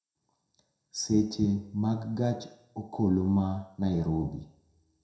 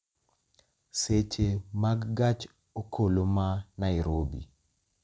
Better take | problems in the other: second | room echo; dies away in 0.6 s

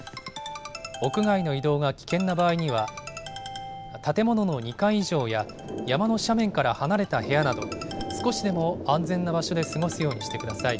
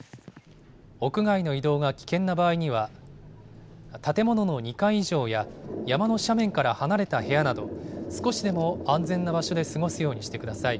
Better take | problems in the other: second | background sound (Ringtone); 14 dB below the speech

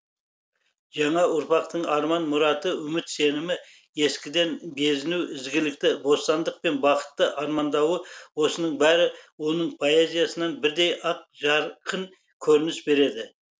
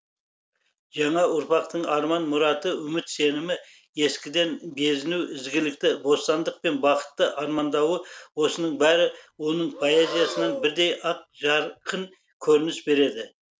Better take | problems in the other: first | background sound (Breathing); 11 dB below the speech

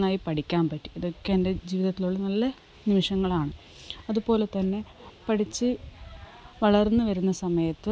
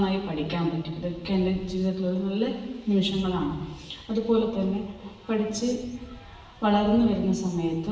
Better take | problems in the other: first | room echo; dies away in 1 s

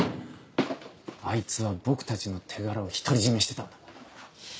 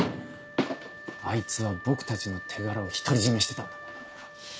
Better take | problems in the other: first | background sound (Wind instrument, woodwind instrument); 13 dB below the speech

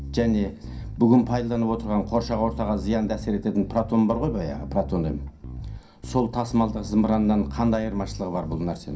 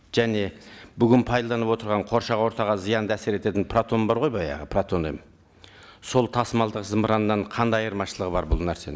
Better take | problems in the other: second | background sound (Bass guitar); 11 dB below the speech // room echo; dies away in 0.3 s

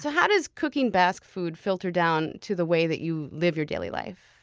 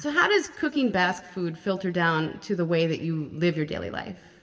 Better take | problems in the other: first | room echo; dies away in 2.1 s

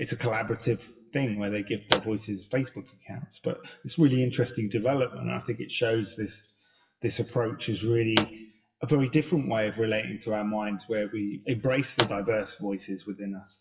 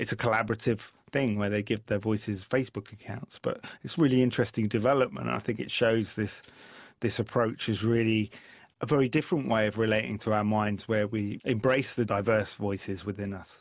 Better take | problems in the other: second | noise reduction (classical method WPE with log-MMSE)

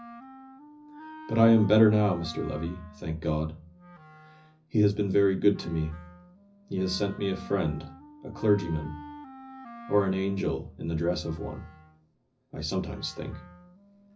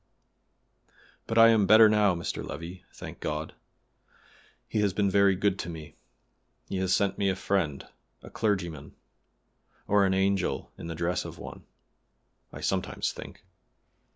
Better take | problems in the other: second | background sound (Wind instrument, woodwind instrument); 19 dB below the speech // room echo; dies away in 0.4 s

